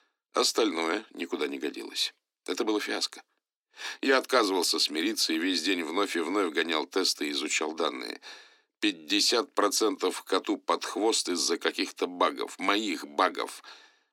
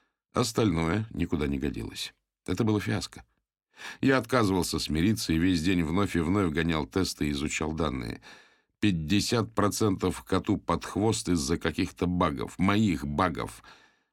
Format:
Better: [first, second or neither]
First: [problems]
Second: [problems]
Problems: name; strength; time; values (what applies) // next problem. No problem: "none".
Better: second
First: thin; somewhat; fading below 300 Hz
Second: none